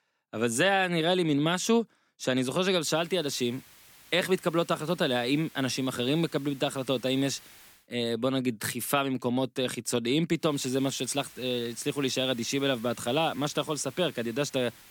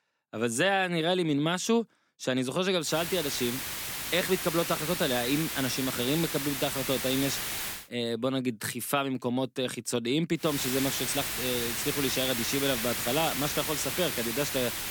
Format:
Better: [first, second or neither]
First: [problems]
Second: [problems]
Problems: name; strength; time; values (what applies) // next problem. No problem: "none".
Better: first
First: hiss; faint; from 3 to 8 s and from 10 s on; 20 dB below the speech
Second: hiss; loud; from 3 to 8 s and from 10 s on; 2 dB below the speech